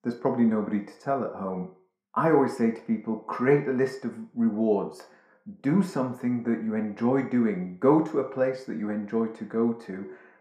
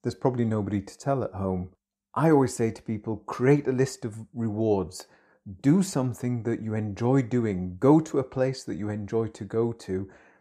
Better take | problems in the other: second | room echo; very slight; dies away in 0.5 s

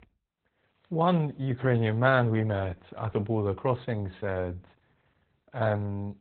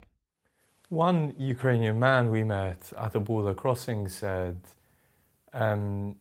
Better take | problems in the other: second | garbled, watery; badly; nothing above 3.5 kHz; slightly in the second

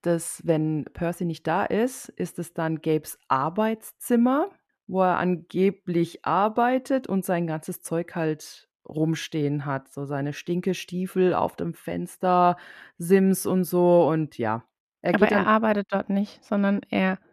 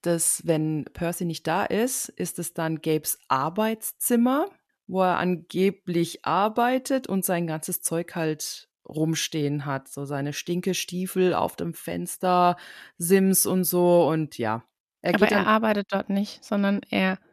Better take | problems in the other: second | muffled; slightly; fading above 3 kHz

